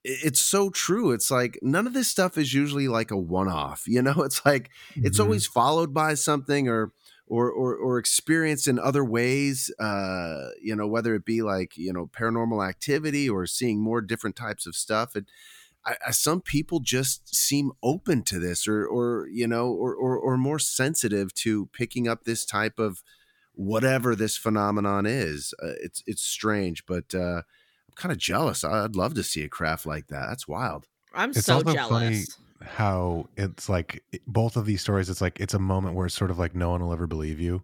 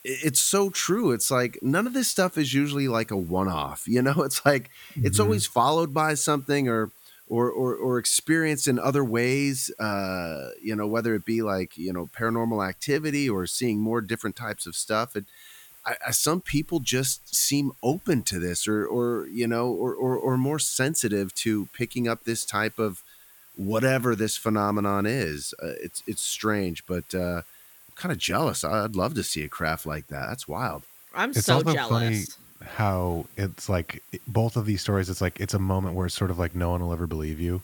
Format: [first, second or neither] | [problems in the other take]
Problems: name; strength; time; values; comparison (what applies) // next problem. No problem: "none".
first | hiss; faint; throughout; 25 dB below the speech